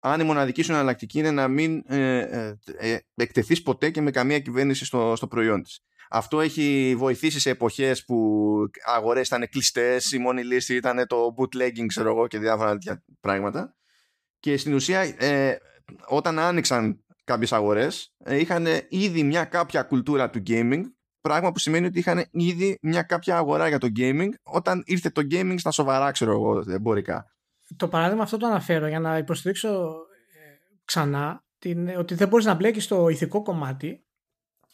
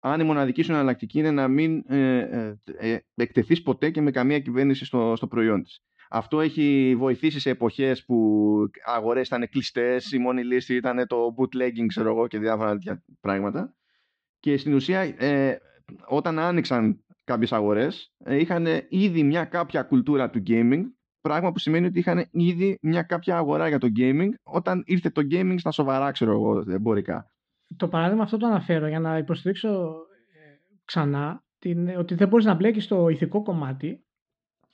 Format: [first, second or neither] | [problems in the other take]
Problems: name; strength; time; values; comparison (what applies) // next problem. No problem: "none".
first | muffled; slightly; fading above 3.5 kHz